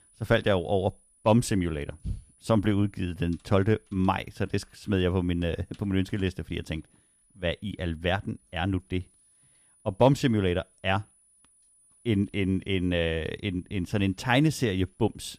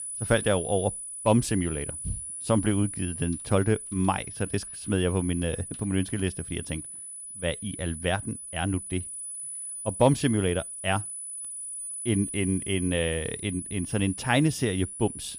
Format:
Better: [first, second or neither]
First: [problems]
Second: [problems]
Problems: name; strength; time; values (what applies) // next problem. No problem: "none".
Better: first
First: high-pitched whine; faint; throughout; 10 kHz, 35 dB below the speech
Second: high-pitched whine; loud; throughout; 10 kHz, 7 dB below the speech